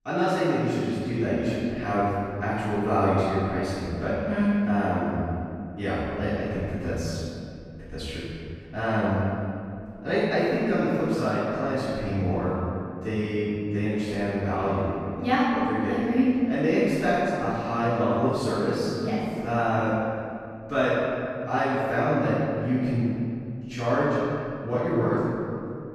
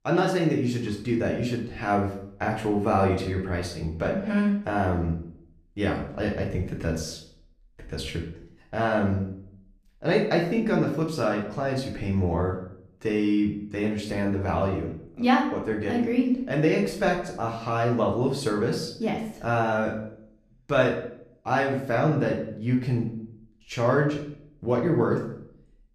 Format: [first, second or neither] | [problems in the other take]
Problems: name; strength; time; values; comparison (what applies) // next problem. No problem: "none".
second | room echo; strong; dies away in 2.3 s; slight in the second // off-mic speech; far; far in the second